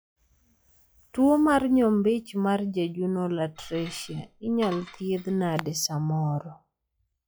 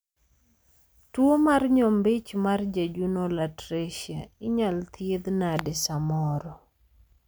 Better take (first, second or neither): second